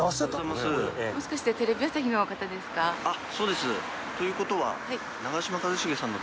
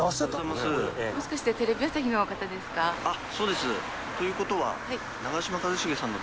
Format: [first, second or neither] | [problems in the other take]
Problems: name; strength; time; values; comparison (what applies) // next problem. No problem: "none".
first | background sound (Boiling + Bark); 17 dB below the speech